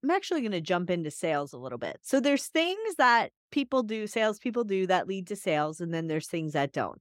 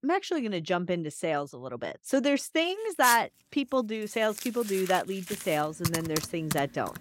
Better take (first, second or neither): first